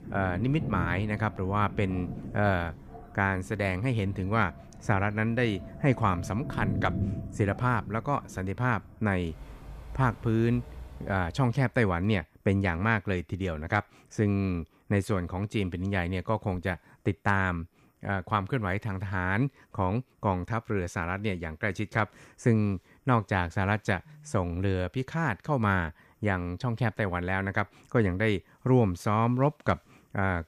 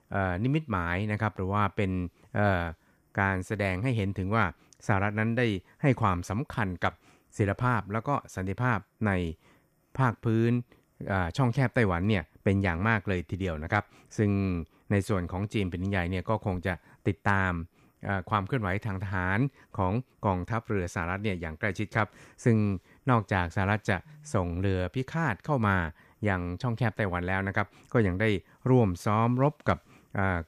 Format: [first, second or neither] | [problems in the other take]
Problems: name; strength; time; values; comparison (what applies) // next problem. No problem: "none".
second | rain or running water; noticeable; until 11 s; 10 dB below the speech